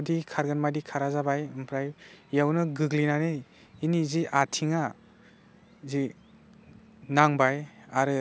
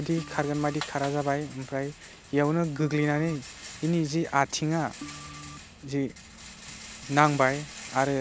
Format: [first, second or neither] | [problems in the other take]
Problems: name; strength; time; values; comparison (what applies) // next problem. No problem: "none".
first | background sound (Rattle + Organ); 15 dB below the speech